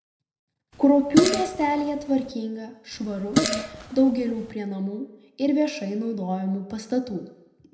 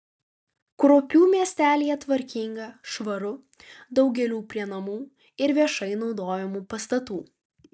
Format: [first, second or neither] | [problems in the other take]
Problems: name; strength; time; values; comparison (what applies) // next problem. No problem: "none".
second | background sound (Fart); 3 dB below the speech // room echo; dies away in 0.8 s